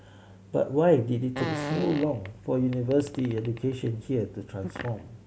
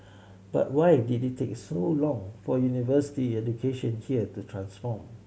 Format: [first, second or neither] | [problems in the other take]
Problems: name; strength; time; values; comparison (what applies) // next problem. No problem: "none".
second | background sound (Fart); 10 dB below the speech